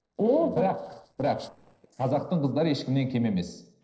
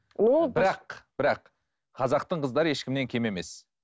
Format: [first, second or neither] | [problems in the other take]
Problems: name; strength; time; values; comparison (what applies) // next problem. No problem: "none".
second | noise reduction (neural separator model SepFormer DNS4)